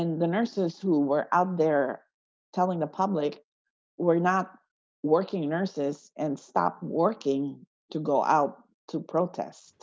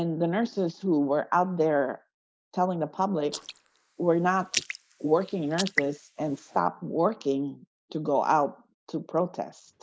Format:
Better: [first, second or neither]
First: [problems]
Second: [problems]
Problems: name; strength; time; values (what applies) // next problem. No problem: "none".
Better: first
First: none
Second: noise reduction (neural mask model Resemble Enhance denoiser)